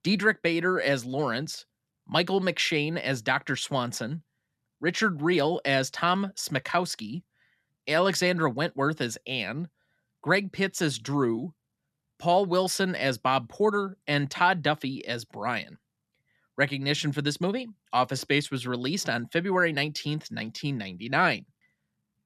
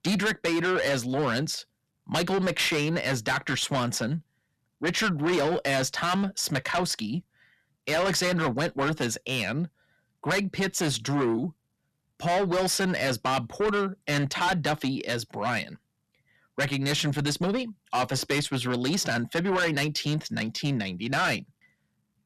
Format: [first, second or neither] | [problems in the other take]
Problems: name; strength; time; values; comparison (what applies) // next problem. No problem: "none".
first | distortion; heavy; 5 dB below the speech